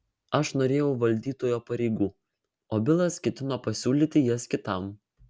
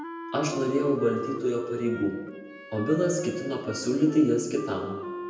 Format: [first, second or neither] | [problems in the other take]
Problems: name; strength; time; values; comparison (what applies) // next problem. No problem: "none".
first | background sound (Wind instrument, woodwind instrument); 11 dB below the speech // room echo; dies away in 1 s